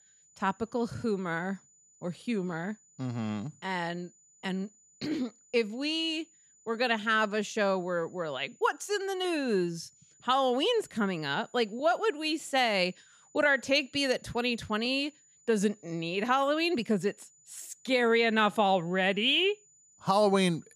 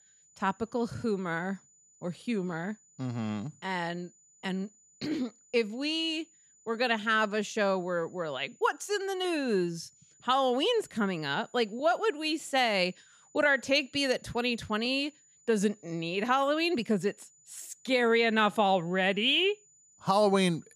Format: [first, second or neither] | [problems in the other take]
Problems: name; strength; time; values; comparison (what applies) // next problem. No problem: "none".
neither | high-pitched whine; faint; throughout; 7 kHz, 30 dB below the speech; the same in both